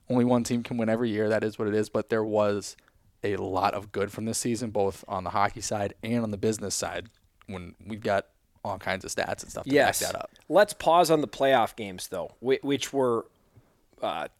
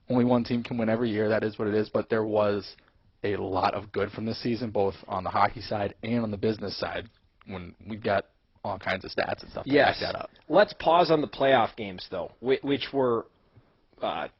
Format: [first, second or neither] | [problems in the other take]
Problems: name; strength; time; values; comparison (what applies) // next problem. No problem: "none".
first | garbled, watery; badly; nothing above 5.5 kHz